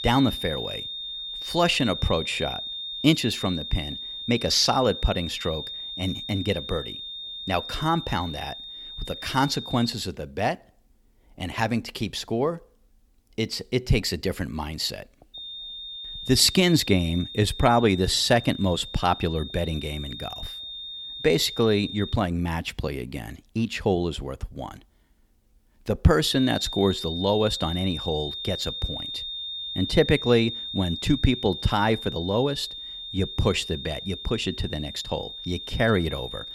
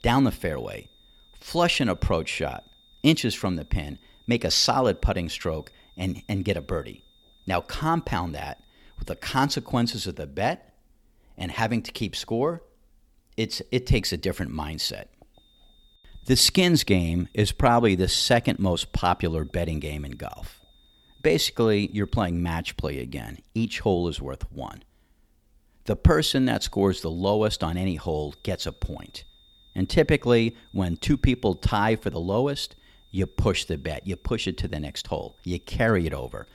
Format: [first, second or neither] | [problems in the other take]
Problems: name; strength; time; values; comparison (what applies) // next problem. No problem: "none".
second | high-pitched whine; loud; until 10 s, from 15 to 22 s and from 26 s on; 3.5 kHz, 8 dB below the speech; faint in the second